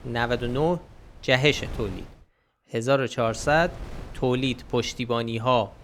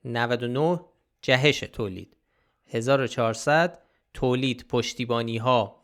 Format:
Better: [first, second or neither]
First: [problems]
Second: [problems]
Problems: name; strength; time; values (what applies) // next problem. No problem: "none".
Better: second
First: wind noise on the microphone; occasional gusts; until 2 s and from 3.5 s on; 25 dB below the speech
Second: none